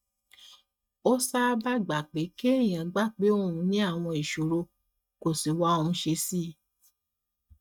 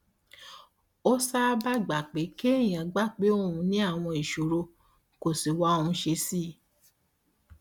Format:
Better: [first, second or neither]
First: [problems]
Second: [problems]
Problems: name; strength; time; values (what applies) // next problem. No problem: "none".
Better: second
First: noise reduction (neural mask model DeepFilterNet 3)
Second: none